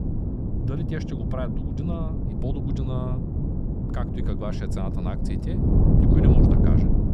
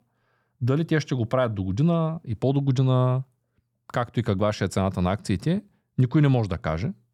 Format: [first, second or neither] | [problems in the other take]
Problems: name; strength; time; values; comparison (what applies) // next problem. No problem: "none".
second | wind noise on the microphone; heavy; 4 dB above the speech